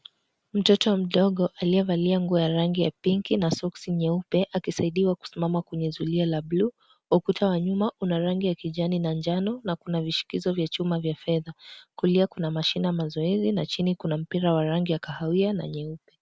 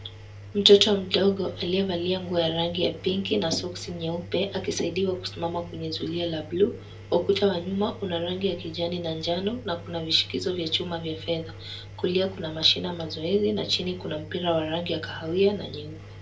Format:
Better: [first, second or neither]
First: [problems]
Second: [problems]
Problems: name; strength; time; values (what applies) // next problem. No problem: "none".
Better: first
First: none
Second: background sound (Engine); 16 dB below the speech // room echo; dies away in 0.2 s